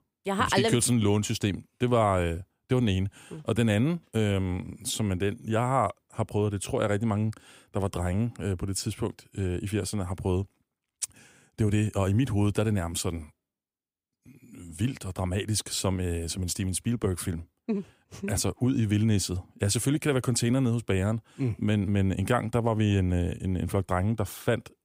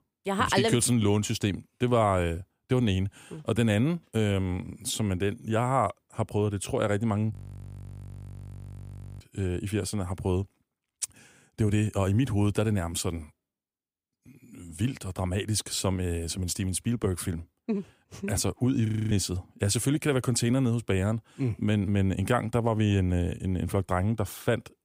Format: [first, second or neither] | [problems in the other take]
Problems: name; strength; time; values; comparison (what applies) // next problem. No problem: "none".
first | audio freezing; at 7.5 s for 2 s and at 19 s